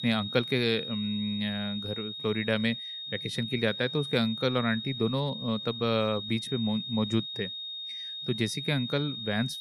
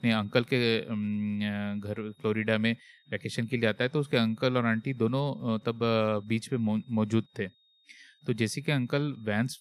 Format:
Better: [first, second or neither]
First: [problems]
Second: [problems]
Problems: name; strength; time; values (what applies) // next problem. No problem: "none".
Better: second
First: high-pitched whine; loud; throughout; 3.5 kHz, 5 dB below the speech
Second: high-pitched whine; faint; throughout; 3.5 kHz, 35 dB below the speech